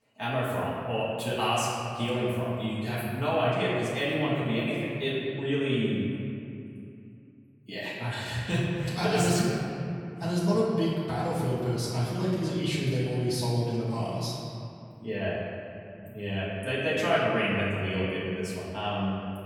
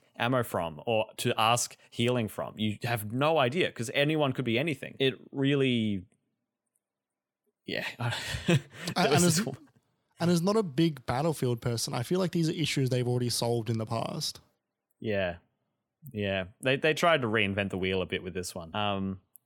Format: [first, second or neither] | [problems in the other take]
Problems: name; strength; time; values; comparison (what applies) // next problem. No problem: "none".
second | off-mic speech; far // room echo; strong; dies away in 2.5 s